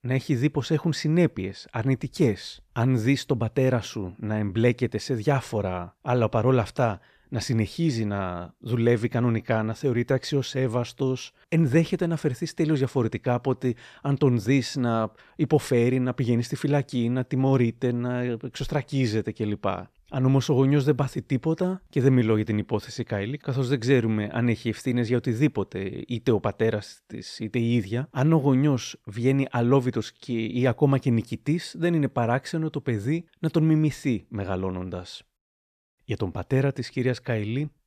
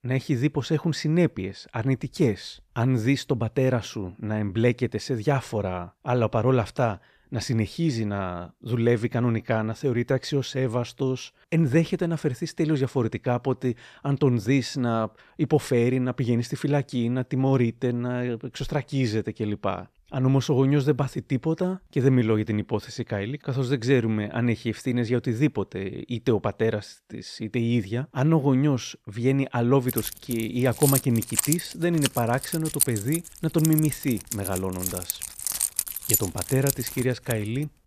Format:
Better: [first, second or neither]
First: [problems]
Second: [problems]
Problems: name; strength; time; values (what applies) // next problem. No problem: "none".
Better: first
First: none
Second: jangling keys; loud; from 30 to 37 s; peak 2 dB above the speech